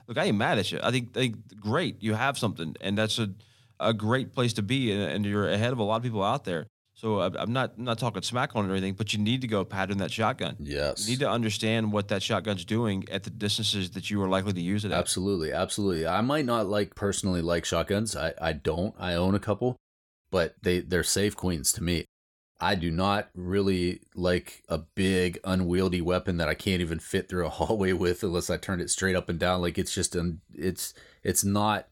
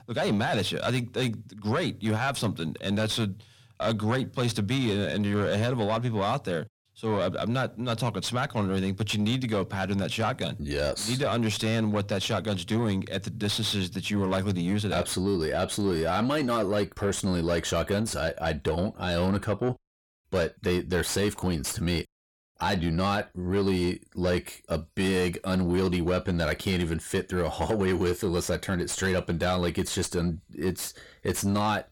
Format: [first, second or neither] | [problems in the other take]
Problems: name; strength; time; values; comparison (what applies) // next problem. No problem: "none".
first | distortion; slight; 10 dB below the speech